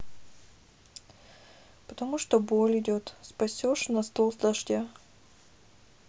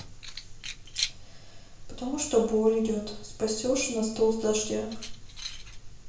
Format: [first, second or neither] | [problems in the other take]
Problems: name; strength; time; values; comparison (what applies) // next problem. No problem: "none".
first | background sound (Keys jangling); 10 dB below the speech // room echo; dies away in 0.5 s